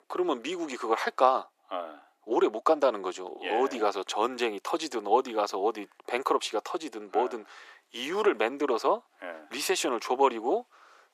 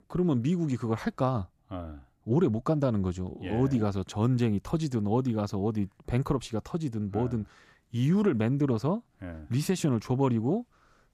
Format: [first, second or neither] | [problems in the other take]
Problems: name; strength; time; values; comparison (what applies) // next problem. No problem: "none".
second | thin; very; fading below 350 Hz